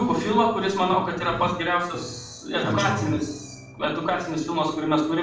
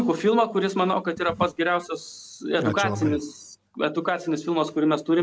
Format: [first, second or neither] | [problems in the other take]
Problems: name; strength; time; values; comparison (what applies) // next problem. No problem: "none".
second | background sound (Piano); 15 dB below the speech // room echo; dies away in 0.5 s